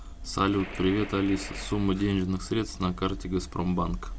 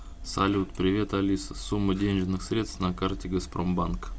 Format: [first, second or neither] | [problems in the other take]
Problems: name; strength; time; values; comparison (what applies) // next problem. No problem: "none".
second | background sound (Gunshot, gunfire); 15 dB below the speech